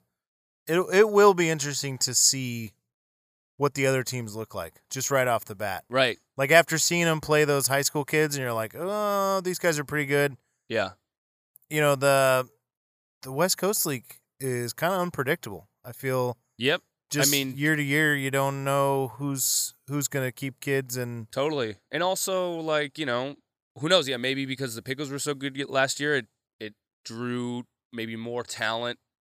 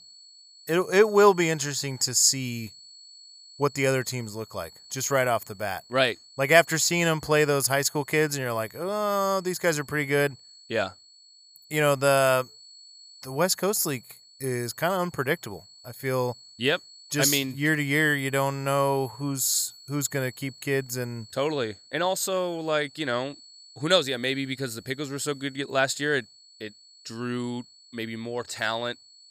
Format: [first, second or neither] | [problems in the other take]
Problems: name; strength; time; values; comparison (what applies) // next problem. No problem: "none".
first | high-pitched whine; faint; throughout; 4.5 kHz, 25 dB below the speech